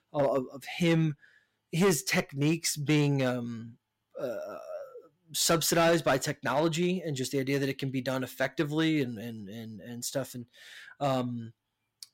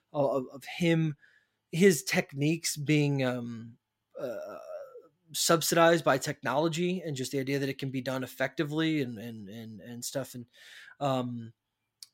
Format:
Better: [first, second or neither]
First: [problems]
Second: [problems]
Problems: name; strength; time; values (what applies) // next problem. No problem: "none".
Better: second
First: distortion; slight; 3% of the sound clipped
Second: none